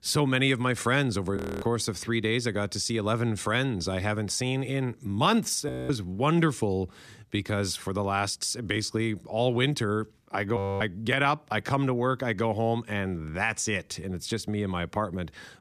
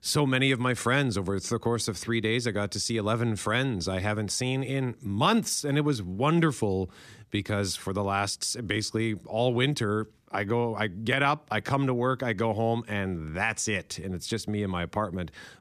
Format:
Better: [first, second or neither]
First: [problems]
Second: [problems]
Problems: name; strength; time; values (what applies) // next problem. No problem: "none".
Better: second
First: audio freezing; at 1.5 s, at 5.5 s and at 11 s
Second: none